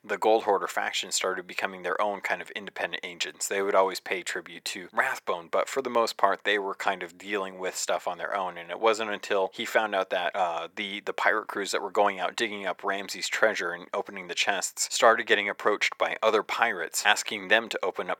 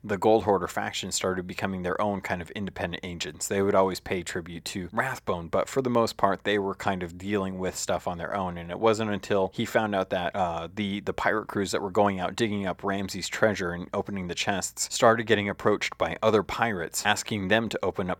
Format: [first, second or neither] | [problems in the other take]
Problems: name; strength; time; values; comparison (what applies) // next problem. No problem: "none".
second | thin; somewhat; fading below 450 Hz